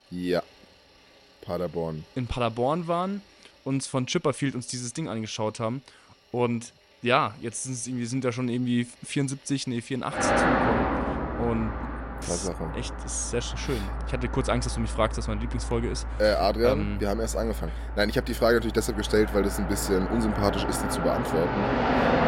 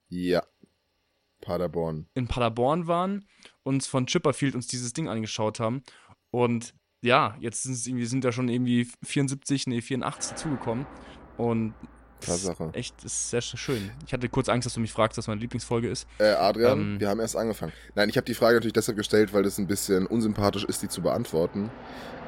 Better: second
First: traffic noise; loud; throughout; 2 dB below the speech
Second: traffic noise; faint; throughout; 20 dB below the speech

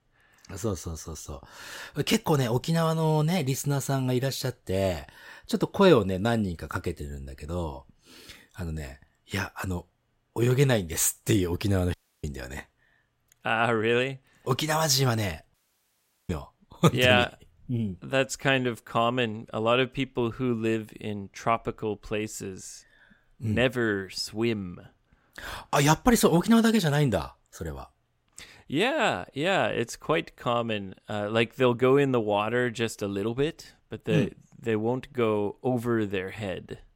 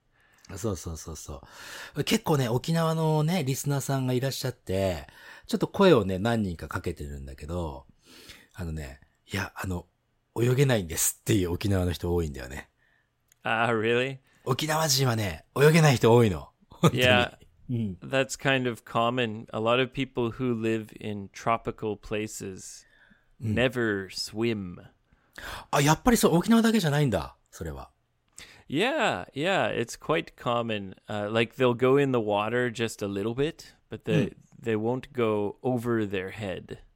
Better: second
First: audio cutting out; at 12 s and at 16 s for 1 s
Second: none

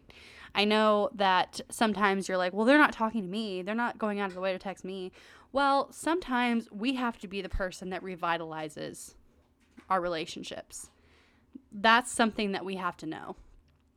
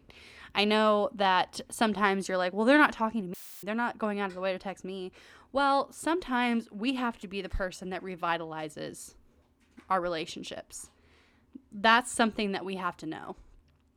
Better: first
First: none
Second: audio cutting out; filled with static; at 3.5 s

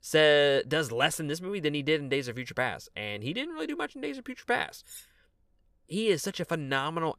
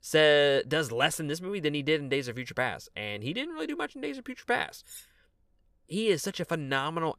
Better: neither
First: clattering dishes; faint; at 5 s; peak 20 dB below the speech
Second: clattering dishes; faint; at 5 s; peak 20 dB below the speech

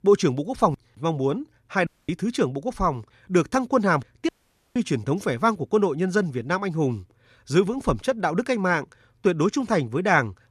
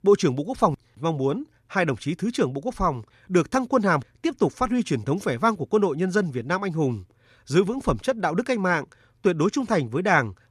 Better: second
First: audio cutting out; at 2 s and at 4.5 s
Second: none

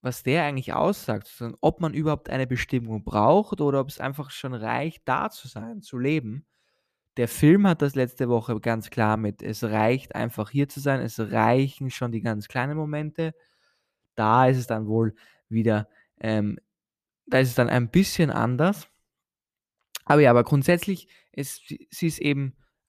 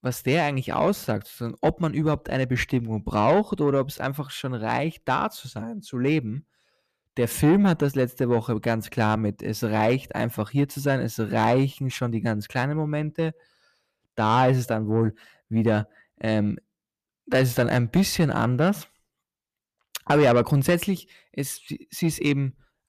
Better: first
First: none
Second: distortion; slight; 10 dB below the speech

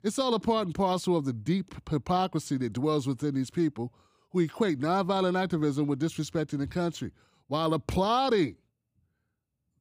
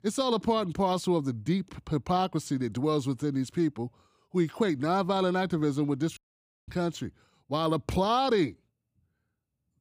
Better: first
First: none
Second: audio cutting out; at 6 s for 0.5 s

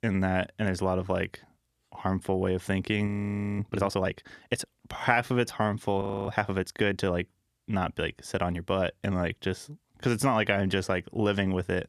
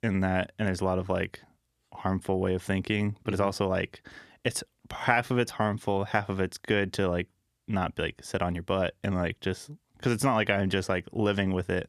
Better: second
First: audio freezing; at 3 s for 0.5 s and at 6 s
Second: none

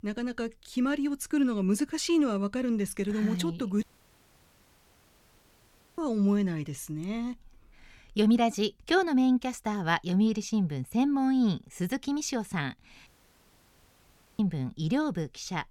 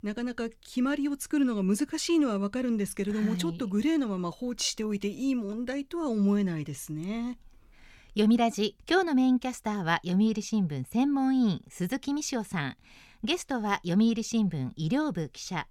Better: second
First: audio cutting out; at 4 s for 2 s and at 13 s for 1.5 s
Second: none

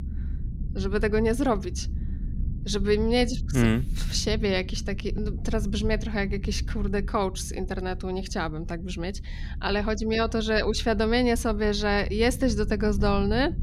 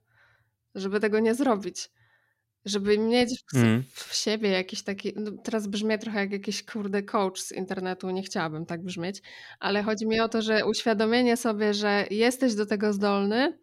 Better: second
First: low rumble; noticeable; throughout; 20 dB below the speech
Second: none

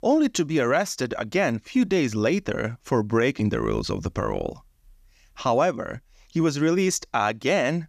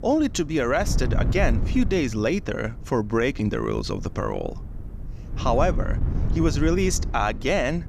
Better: first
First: none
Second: wind noise on the microphone; occasional gusts; 15 dB below the speech

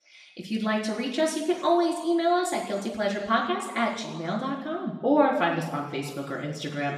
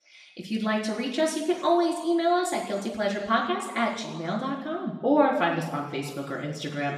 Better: neither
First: room echo; noticeable; dies away in 1.1 s // off-mic speech; far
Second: room echo; noticeable; dies away in 1.1 s // off-mic speech; far

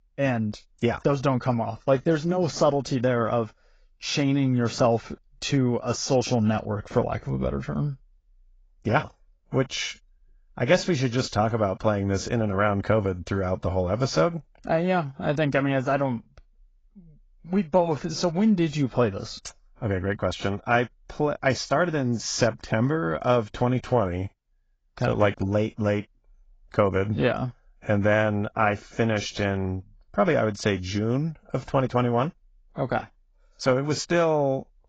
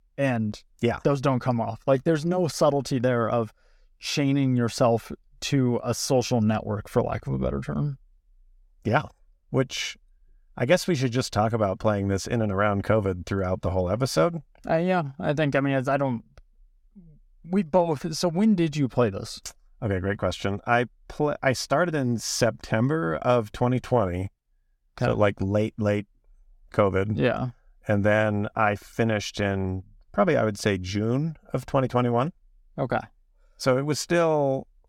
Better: second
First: garbled, watery; badly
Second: none

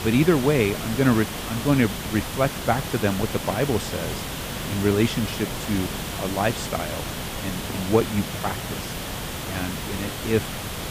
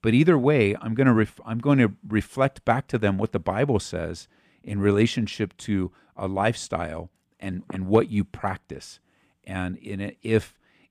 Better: second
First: hiss; loud; throughout; 5 dB below the speech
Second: none

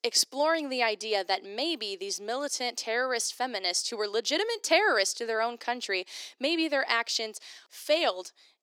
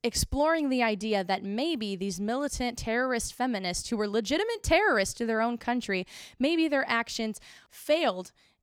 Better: second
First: thin; somewhat; fading below 300 Hz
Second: none

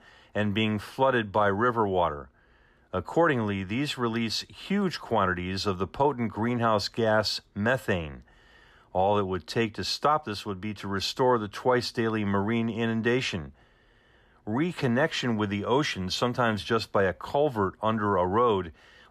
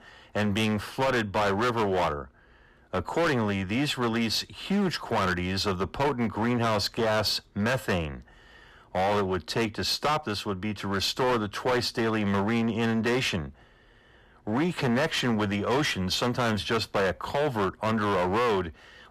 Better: first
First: none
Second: distortion; heavy; 17% of the sound clipped

